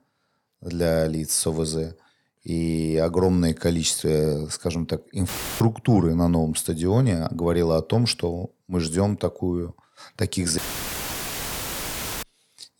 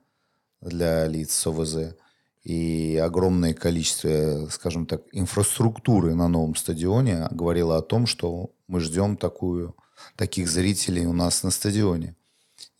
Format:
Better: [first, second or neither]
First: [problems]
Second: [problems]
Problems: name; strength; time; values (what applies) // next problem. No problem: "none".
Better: second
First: audio cutting out; filled with static; at 5.5 s and at 11 s for 1.5 s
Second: none